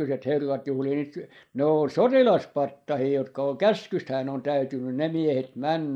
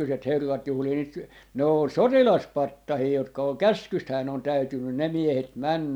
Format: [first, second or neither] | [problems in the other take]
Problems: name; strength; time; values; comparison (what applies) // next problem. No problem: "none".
second | noise reduction (neural mask model Resemble Enhance denoiser)